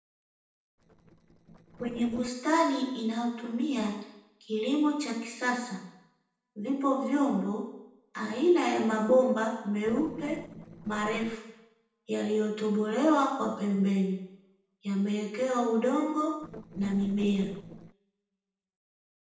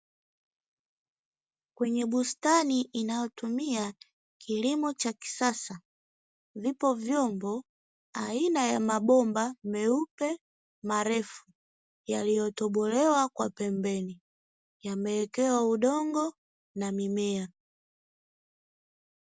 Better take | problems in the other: second | noise reduction (neural separator model SepFormer DNS4)

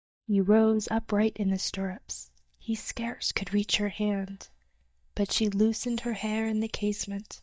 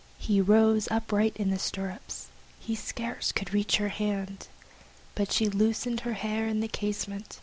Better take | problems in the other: second | noise reduction (neural mask model DeepFilterNet 3)

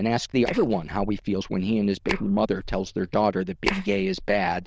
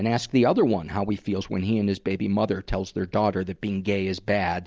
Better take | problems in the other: second | noise reduction (neural diffusion model UNIVERSE++)

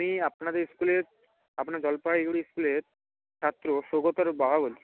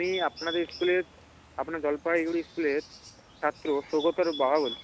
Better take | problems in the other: first | background sound (Bird); 15 dB below the speech

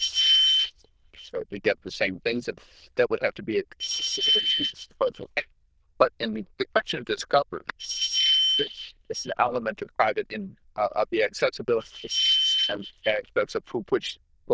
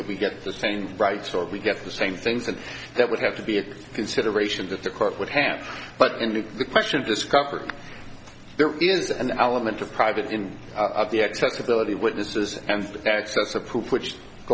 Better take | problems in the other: second | noise reduction (neural diffusion model UNIVERSE++)

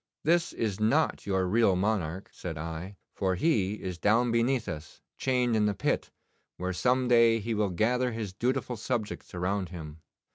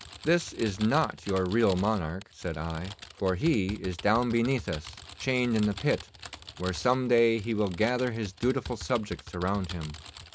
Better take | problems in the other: first | background sound (Typing); 16 dB below the speech

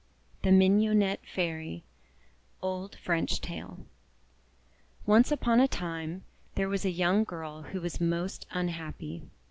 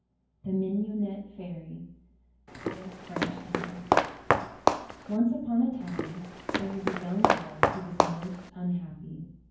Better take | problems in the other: first | background sound (Walk, footsteps); 4 dB above the speech // room echo; dies away in 0.9 s

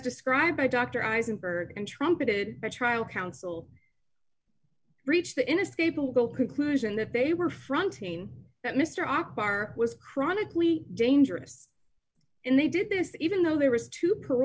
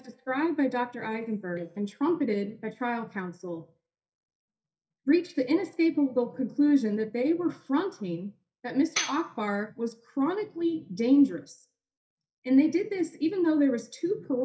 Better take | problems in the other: first | noise reduction (neural mask model DeepFilterNet 3)

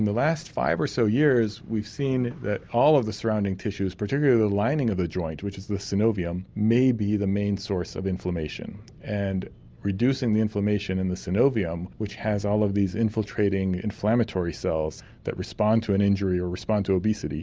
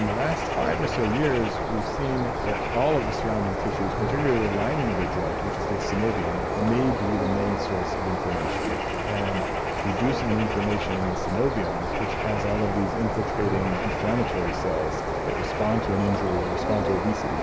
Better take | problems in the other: first | background sound (Bird); 1 dB above the speech

